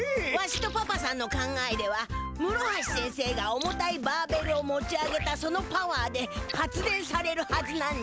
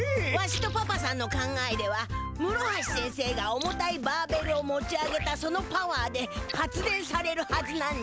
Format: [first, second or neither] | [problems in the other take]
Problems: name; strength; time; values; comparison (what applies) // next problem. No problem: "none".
first | background sound (Keyboard (musical)); 11 dB below the speech